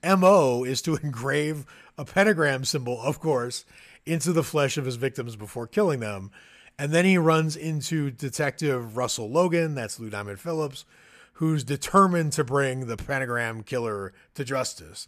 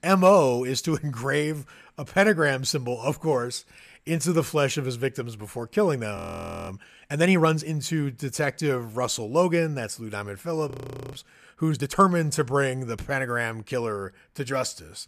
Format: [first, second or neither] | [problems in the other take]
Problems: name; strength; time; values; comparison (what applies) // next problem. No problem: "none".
first | audio freezing; at 6 s for 0.5 s and at 11 s